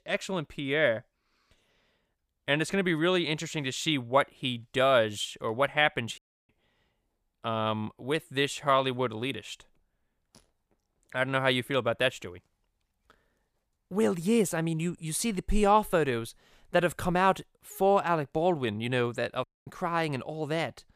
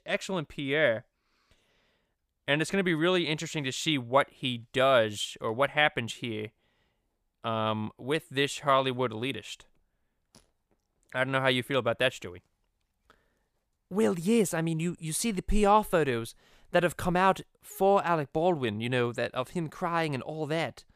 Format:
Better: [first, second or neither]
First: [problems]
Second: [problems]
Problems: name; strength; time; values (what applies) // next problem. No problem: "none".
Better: second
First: audio cutting out; at 6 s and at 19 s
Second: none